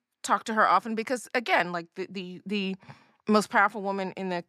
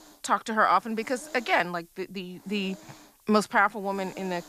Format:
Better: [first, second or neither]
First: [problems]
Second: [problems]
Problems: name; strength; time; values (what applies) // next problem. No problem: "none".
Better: first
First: none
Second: hiss; faint; throughout; 25 dB below the speech